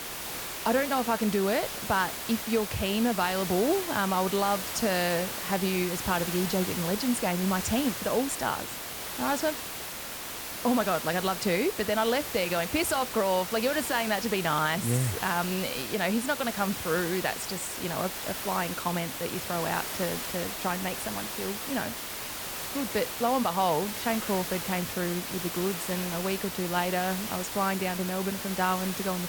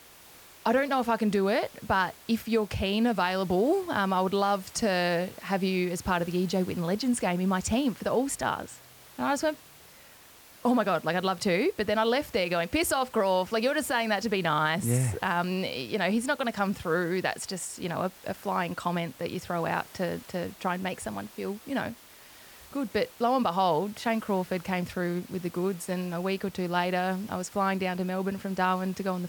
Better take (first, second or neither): second